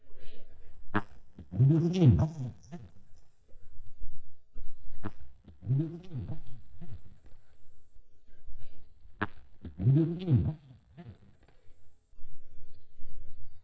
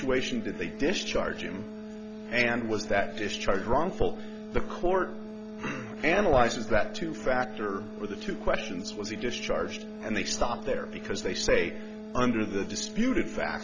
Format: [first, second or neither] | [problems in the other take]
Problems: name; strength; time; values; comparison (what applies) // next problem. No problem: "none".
second | noise reduction (neural mask model DeepFilterNet 3)